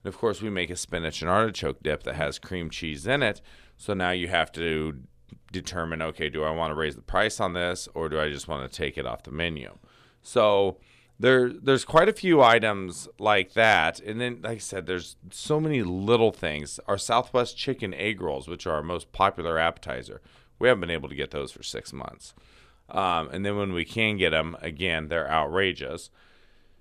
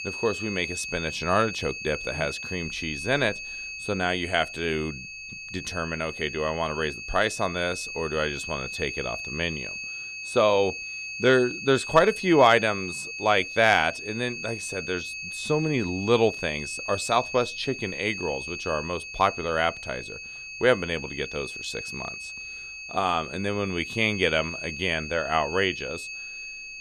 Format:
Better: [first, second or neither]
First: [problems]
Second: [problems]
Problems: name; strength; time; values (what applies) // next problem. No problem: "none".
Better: first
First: none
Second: high-pitched whine; loud; throughout; 2.5 kHz, 8 dB below the speech